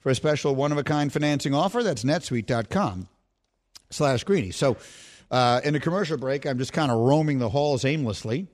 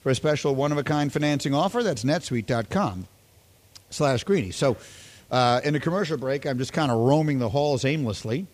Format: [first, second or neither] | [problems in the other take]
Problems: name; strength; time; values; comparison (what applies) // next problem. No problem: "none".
first | hiss; faint; throughout; 30 dB below the speech